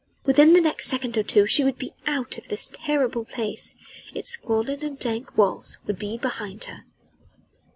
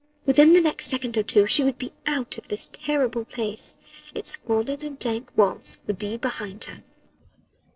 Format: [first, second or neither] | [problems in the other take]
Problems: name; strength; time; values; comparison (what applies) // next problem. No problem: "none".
first | noise reduction (neural separator model SepFormer DNS4)